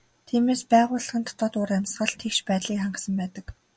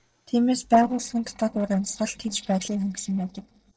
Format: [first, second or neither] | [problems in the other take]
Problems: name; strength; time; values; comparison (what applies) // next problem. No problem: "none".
first | noise reduction (neural separator model SepFormer DNS4)